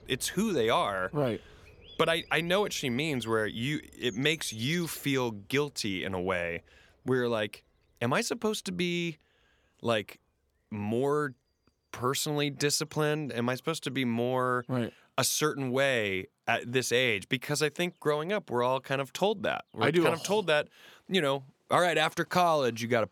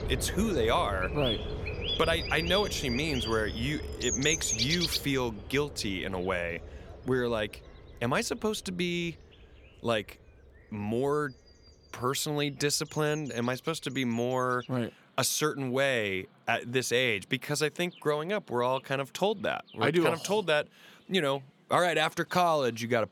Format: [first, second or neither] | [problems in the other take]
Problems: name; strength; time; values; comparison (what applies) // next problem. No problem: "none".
first | animal sounds; loud; throughout; 5 dB below the speech; faint in the first